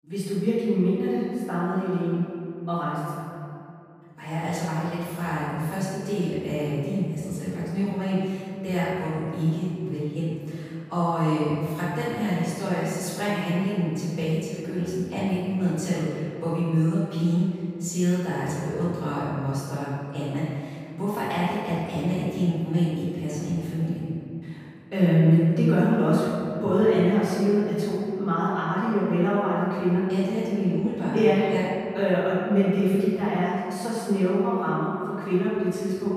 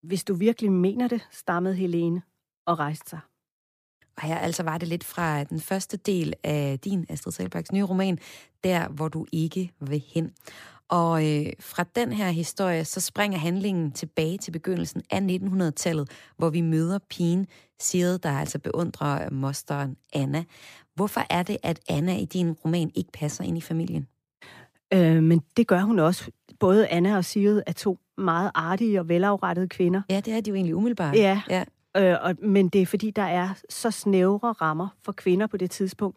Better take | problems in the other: second | room echo; strong; dies away in 2.3 s // off-mic speech; far

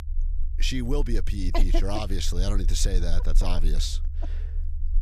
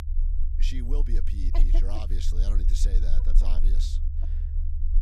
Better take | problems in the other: first | low rumble; loud; throughout; 8 dB below the speech; faint in the first

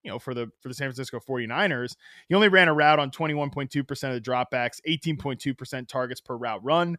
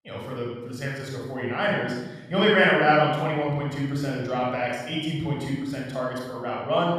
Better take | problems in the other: first | room echo; strong; dies away in 1.1 s // off-mic speech; far

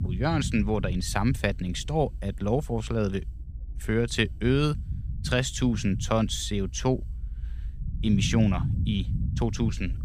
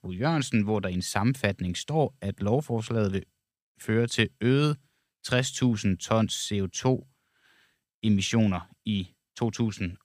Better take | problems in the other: second | low rumble; noticeable; throughout; 15 dB below the speech

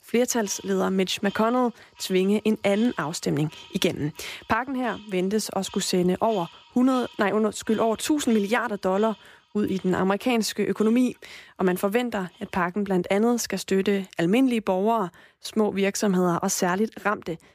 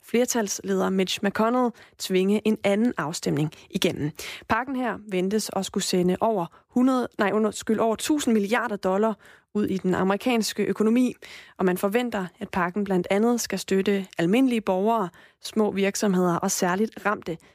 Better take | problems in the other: second | animal sounds; faint; throughout; 25 dB below the speech

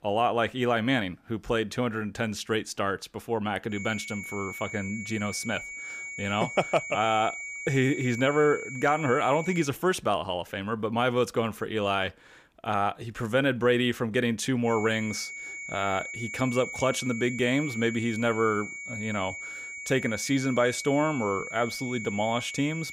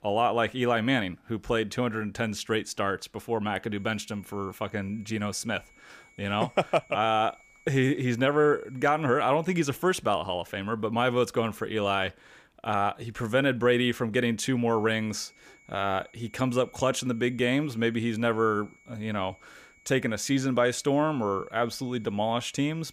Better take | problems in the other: second | high-pitched whine; loud; from 3.5 to 9.5 s and from 15 s on; 2.5 kHz, 8 dB below the speech; faint in the second

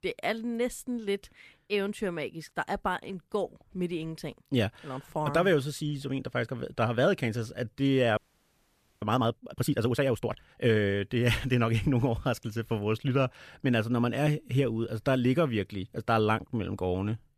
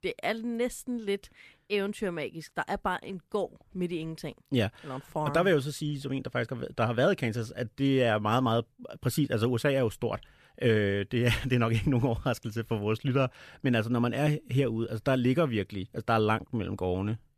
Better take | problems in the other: second | audio freezing; at 8 s for 1 s

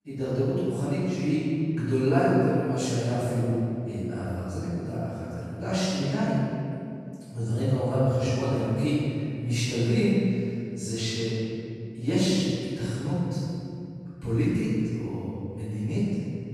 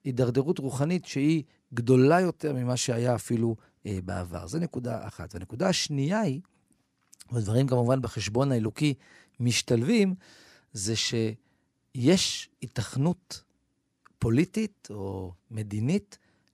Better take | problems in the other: second | off-mic speech; far // room echo; strong; dies away in 2.5 s

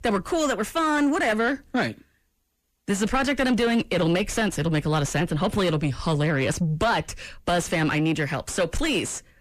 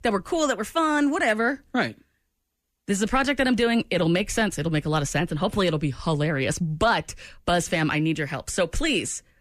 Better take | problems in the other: second | distortion; slight; 10 dB below the speech

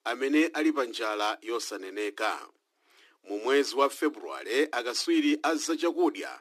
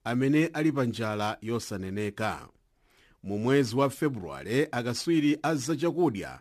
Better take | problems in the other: second | thin; somewhat; fading below 300 Hz

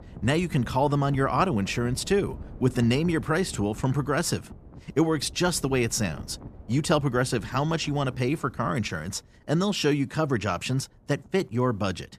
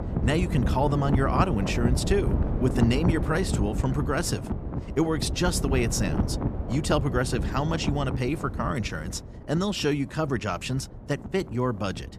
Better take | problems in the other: first | wind noise on the microphone; heavy; 7 dB below the speech; occasional gusts in the first

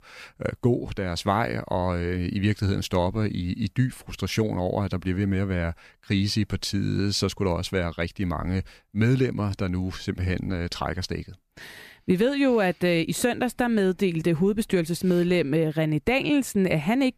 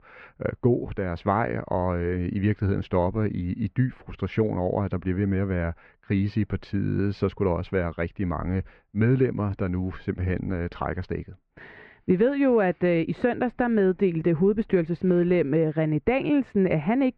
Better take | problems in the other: first | muffled; very; fading above 2 kHz

